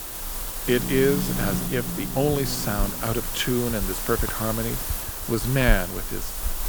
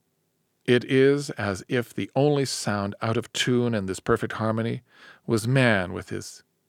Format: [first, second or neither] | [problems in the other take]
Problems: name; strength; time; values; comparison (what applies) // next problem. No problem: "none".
second | hiss; loud; throughout; 2 dB below the speech